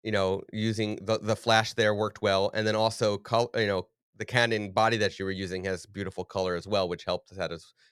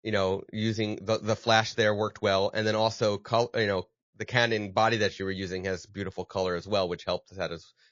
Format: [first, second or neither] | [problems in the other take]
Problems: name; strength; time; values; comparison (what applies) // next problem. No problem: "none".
first | garbled, watery; slightly; nothing above 6.5 kHz